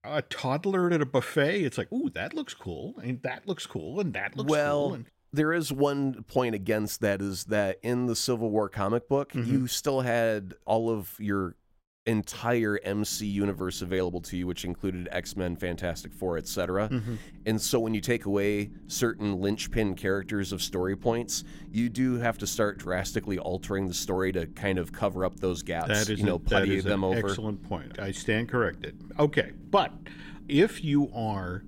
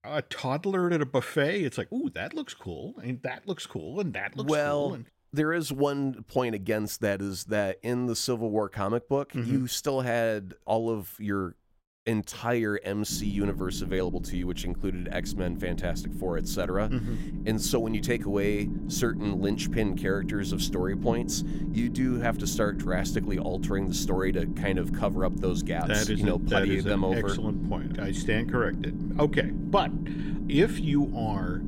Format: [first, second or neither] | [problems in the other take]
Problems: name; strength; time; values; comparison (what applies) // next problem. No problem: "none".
first | low rumble; loud; from 13 s on; 10 dB below the speech; faint in the first